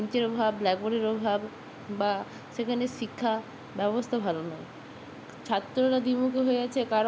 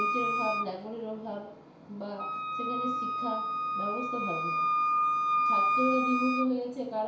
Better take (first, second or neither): first